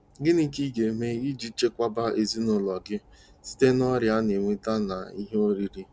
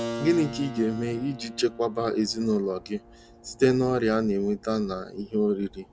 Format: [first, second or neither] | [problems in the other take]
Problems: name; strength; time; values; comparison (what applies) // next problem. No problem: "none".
first | background sound (Keyboard (musical)); 14 dB below the speech